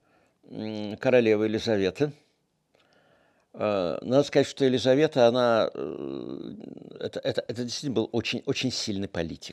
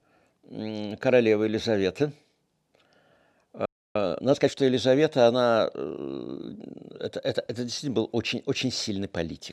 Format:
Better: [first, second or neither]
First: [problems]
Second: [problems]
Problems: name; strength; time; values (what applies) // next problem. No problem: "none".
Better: first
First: none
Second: audio freezing; at 3.5 s